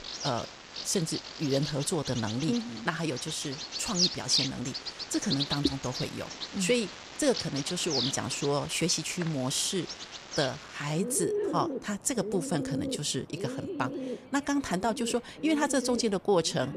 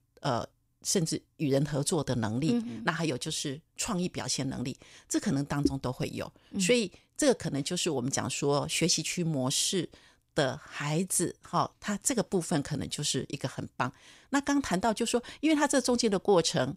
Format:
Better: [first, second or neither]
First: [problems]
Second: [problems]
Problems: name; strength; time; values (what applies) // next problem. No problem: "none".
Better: second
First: animal sounds; loud; throughout; 4 dB below the speech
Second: none